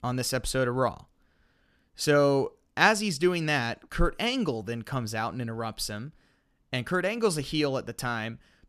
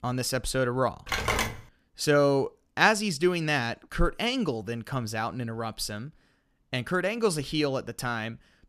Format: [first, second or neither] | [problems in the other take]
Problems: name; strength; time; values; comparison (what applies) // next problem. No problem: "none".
first | phone ringing; loud; at 1 s; peak 1 dB above the speech